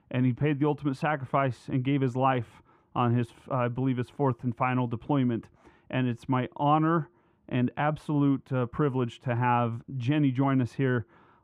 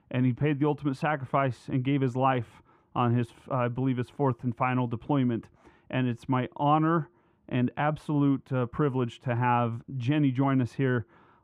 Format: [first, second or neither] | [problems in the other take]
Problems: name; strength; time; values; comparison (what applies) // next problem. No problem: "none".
neither | muffled; very; fading above 2.5 kHz; the same in both